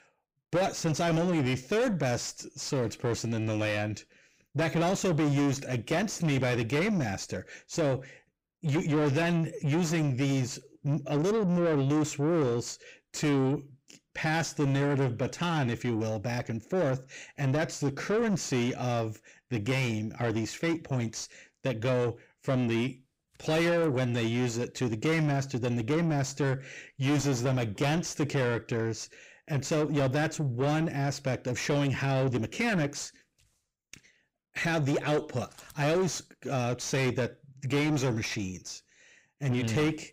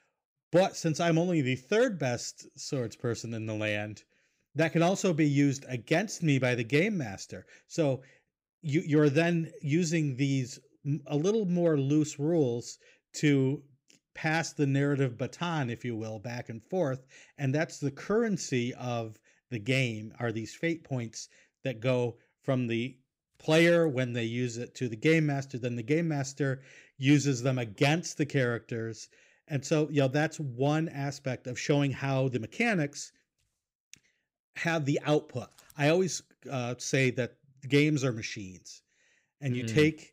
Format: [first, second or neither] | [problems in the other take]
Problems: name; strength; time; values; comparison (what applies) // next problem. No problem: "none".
second | distortion; heavy; 7 dB below the speech